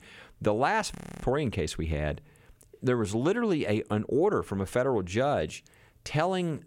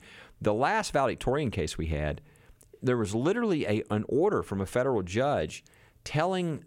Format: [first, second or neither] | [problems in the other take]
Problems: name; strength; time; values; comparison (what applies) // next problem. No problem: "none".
second | audio freezing; at 1 s